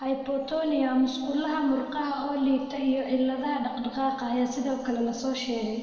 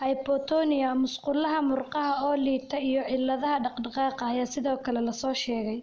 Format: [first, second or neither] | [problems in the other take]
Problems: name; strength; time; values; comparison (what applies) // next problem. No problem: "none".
second | room echo; dies away in 2.1 s